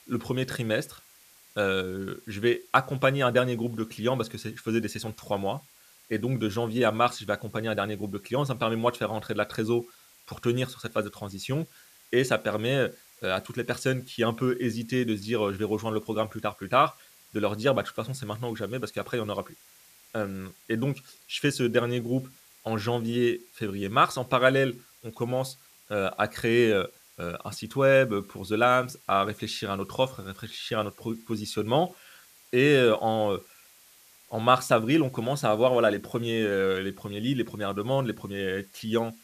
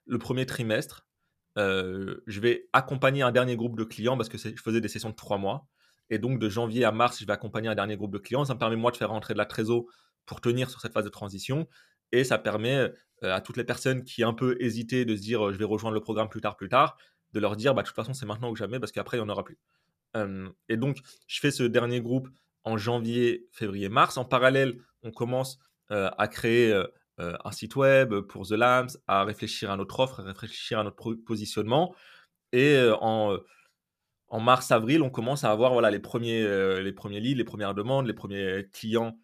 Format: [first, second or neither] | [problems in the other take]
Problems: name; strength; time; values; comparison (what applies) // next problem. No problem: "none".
second | hiss; faint; throughout; 25 dB below the speech